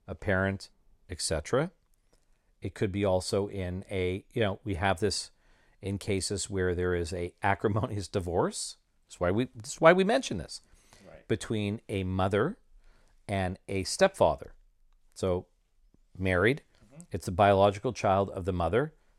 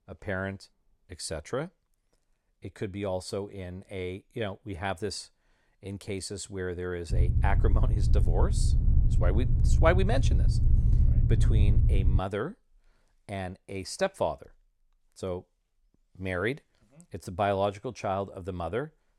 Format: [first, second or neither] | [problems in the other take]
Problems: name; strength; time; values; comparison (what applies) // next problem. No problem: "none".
first | low rumble; loud; from 7 to 12 s; 9 dB below the speech